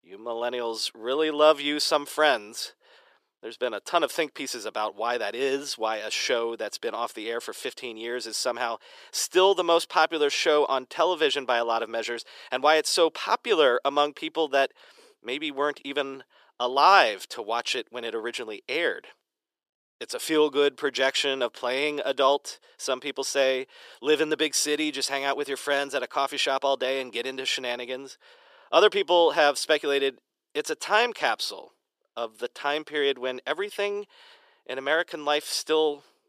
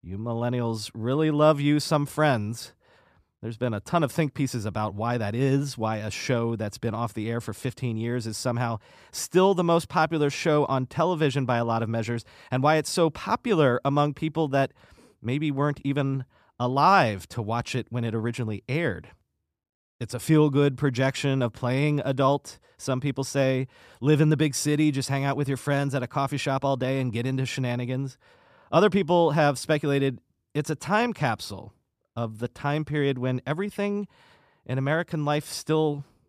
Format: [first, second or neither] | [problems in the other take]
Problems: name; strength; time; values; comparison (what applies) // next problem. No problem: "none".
second | thin; very; fading below 400 Hz